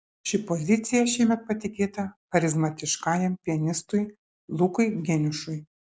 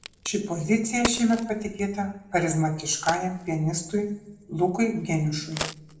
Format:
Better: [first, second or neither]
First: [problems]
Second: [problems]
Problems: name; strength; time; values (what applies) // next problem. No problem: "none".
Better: first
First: none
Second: background sound (Crack); 13 dB below the speech // room echo; dies away in 0.5 s